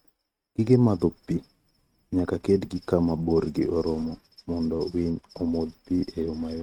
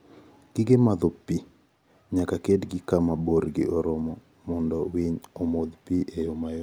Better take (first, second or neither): second